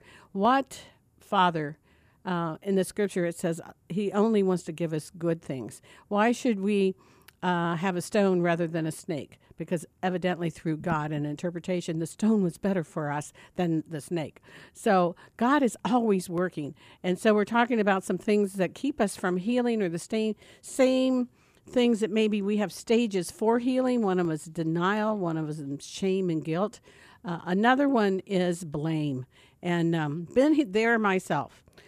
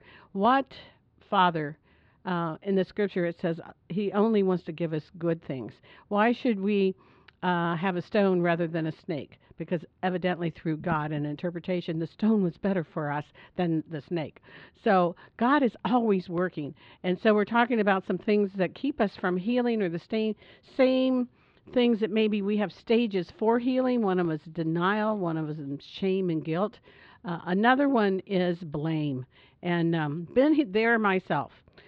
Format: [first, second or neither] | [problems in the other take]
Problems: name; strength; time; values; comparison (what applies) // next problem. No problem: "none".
first | muffled; slightly; fading above 4 kHz